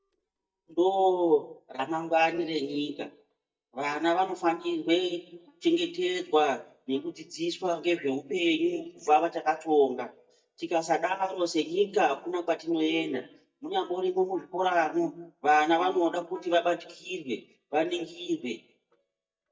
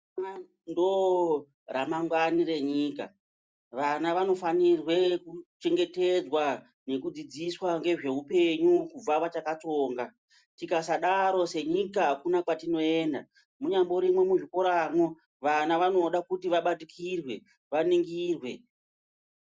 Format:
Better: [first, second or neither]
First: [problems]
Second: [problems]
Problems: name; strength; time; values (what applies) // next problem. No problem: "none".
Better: second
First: noise reduction (neural mask model DeepFilterNet 3)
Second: none